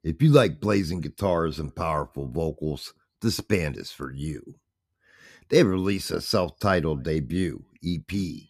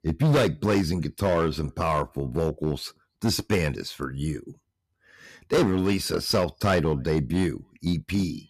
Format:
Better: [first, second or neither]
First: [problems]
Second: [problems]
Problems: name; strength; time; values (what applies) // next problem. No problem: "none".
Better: first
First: none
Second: distortion; heavy; 7% of the sound clipped